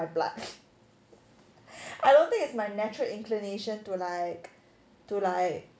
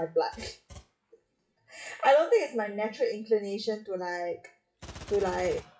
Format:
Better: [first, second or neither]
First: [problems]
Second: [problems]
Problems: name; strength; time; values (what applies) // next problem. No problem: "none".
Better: first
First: none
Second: noise reduction (classical method WPE with log-MMSE)